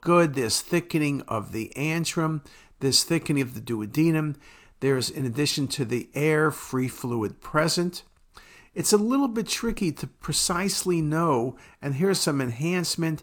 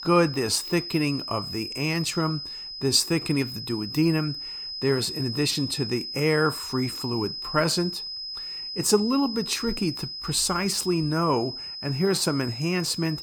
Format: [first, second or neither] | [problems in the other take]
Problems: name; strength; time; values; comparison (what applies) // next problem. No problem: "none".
first | high-pitched whine; loud; throughout; 5 kHz, 7 dB below the speech